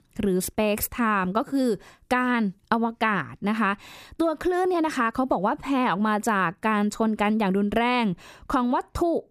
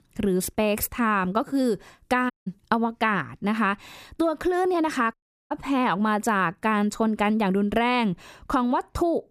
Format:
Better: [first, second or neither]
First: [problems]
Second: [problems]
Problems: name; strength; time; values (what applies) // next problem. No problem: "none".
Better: first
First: none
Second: audio cutting out; at 2.5 s and at 5 s